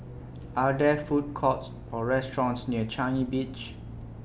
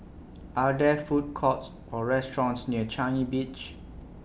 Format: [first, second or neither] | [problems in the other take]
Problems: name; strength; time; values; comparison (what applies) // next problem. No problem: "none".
second | background sound (Fixed-wing aircraft, airplane); 15 dB below the speech